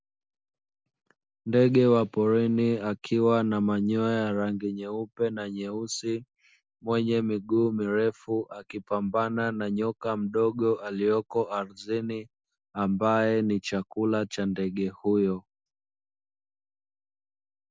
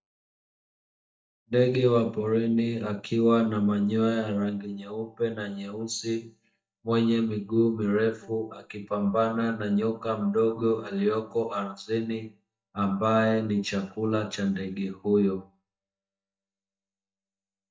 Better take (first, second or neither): first